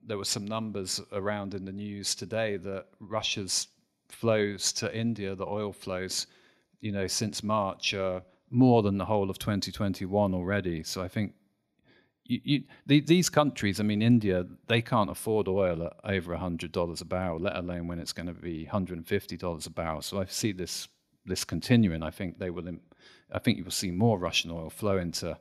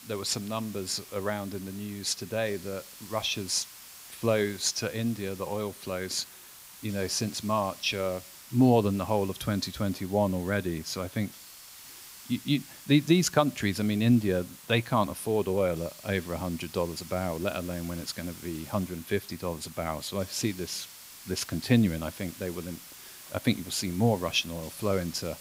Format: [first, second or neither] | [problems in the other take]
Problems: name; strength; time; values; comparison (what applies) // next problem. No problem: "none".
first | hiss; noticeable; throughout; 15 dB below the speech